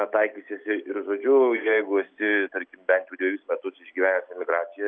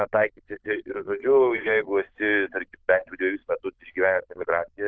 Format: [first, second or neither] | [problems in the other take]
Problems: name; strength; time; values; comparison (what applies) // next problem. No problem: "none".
first | noise reduction (neural diffusion model UNIVERSE++)